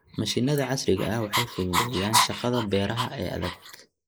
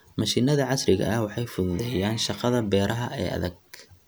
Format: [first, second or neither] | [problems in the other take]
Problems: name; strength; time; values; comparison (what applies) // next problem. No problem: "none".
second | noise reduction (neural mask model Resemble Enhance denoiser)